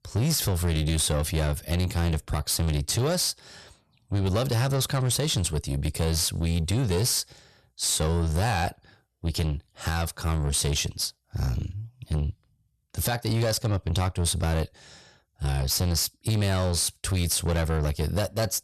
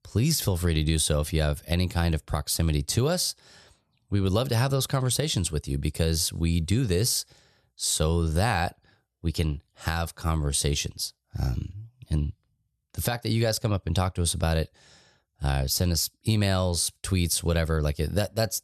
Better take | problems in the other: second | distortion; slight; 10 dB below the speech

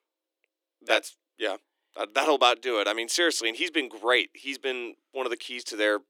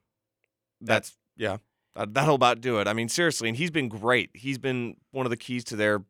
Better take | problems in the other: second | thin; somewhat; fading below 300 Hz

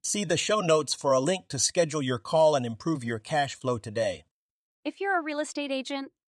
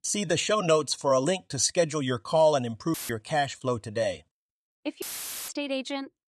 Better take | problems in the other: first | audio cutting out; filled with static; at 3 s and at 5 s

